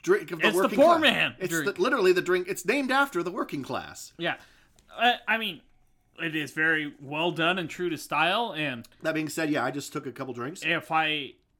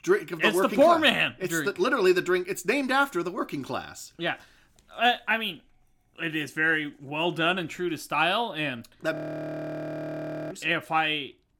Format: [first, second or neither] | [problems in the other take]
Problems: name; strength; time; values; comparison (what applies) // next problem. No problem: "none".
first | audio freezing; at 9 s for 1.5 s